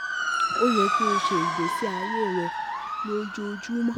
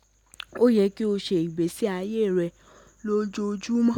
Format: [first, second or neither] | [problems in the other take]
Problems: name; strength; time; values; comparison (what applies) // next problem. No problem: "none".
second | background sound (Motor vehicle (road) / Siren); 2 dB above the speech